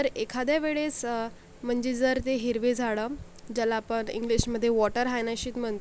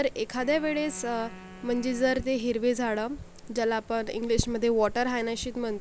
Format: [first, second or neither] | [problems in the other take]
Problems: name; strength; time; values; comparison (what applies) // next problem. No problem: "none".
first | background sound (Wind instrument, woodwind instrument); 20 dB below the speech